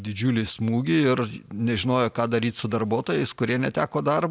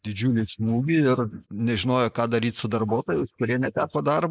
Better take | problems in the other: first | noise reduction (neural mask model Resemble Enhance denoiser)

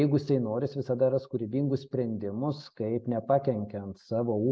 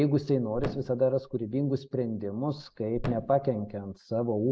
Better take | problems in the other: first | background sound (Thump, thud); 12 dB below the speech

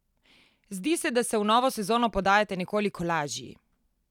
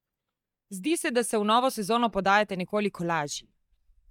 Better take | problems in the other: first | noise reduction (neural mask model DeepFilterNet 3)

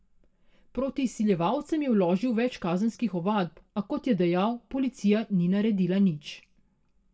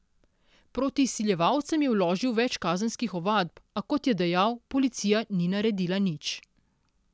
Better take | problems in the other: second | room echo; dies away in 0.2 s

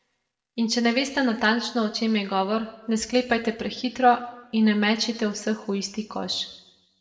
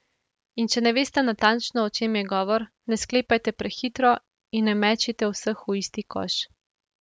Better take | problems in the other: second | room echo; dies away in 0.7 s

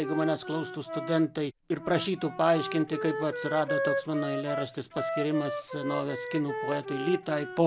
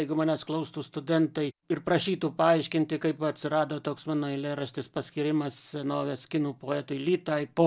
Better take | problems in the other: second | background sound (Wind instrument, woodwind instrument); 5 dB below the speech

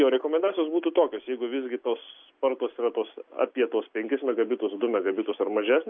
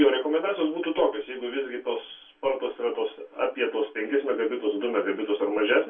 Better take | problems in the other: first | room echo; dies away in 0.2 s

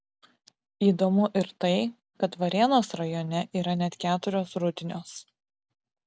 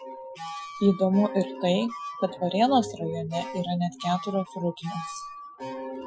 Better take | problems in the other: first | noise reduction (classical method Wiener filter)

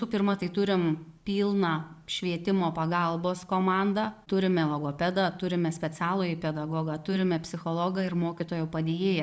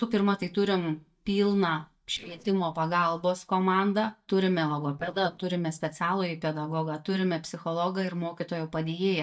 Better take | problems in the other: first | noise reduction (neural mask model DeepFilterNet 3)

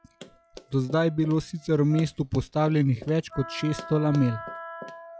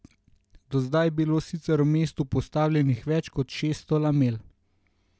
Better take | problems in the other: second | noise reduction (classical method log-MMSE)

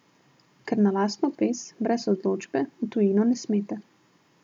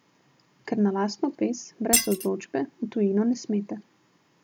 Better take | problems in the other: first | background sound (Shatter); 2 dB above the speech

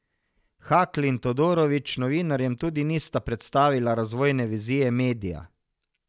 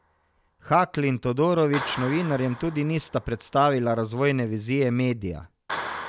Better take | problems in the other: first | background sound (Clapping); 14 dB below the speech

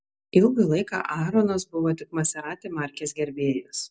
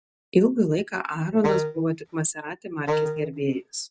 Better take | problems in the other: first | noise reduction (neural mask model RNNoise)

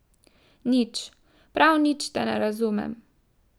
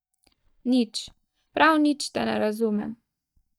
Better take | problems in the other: first | noise reduction (neural mask model DeepFilterNet 3)

